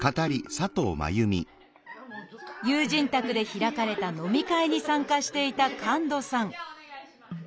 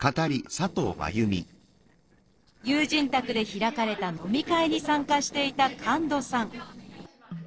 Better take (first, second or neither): first